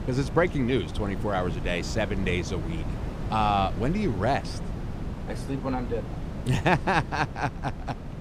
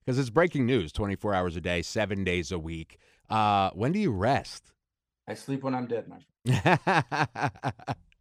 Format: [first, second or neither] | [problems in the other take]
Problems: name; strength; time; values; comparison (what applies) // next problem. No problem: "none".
second | wind noise on the microphone; occasional gusts; 15 dB below the speech